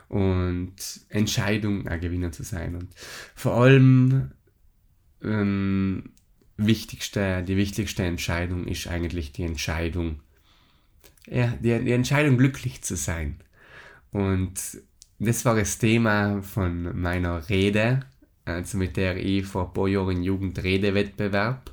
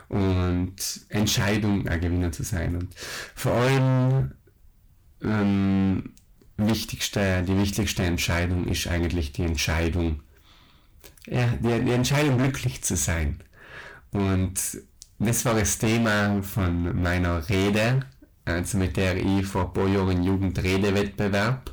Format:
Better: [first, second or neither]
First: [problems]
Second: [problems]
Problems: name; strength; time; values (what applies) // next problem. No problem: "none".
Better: first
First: none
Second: distortion; heavy; 18% of the sound clipped